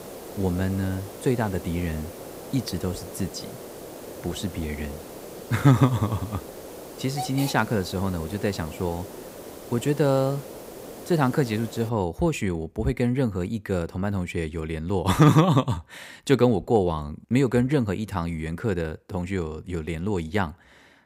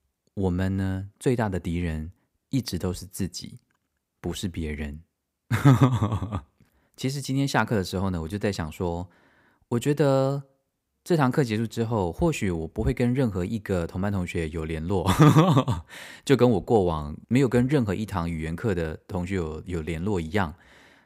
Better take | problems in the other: second | hiss; noticeable; until 12 s; 15 dB below the speech

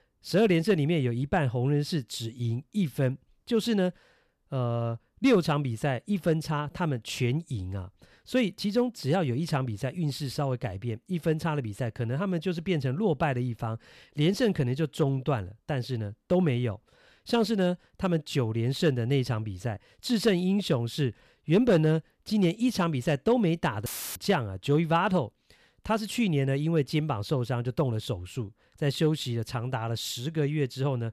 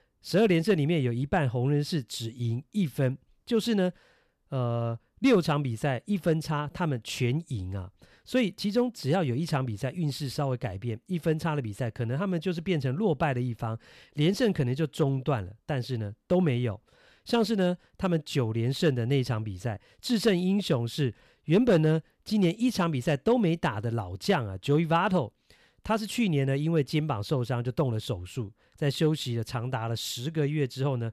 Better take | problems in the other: second | audio cutting out; filled with static; at 24 s

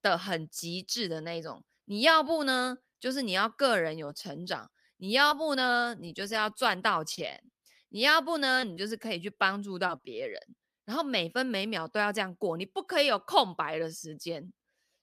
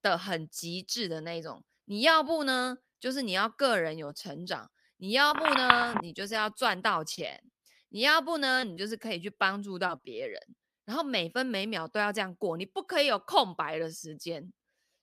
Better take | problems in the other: first | phone ringing; loud; at 5.5 s; peak 5 dB above the speech

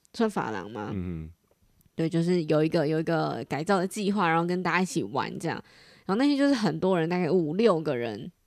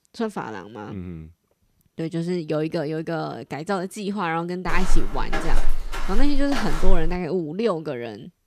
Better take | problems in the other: first | footsteps; loud; from 4.5 to 7 s; peak level with the speech

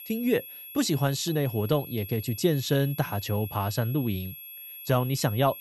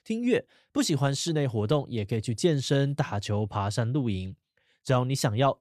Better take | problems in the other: second | high-pitched whine; noticeable; throughout; 11.5 kHz, 10 dB below the speech

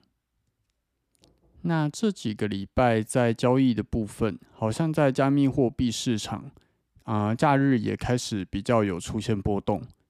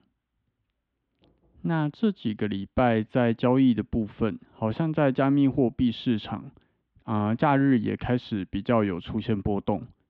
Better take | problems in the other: first | muffled; very; fading above 3.5 kHz

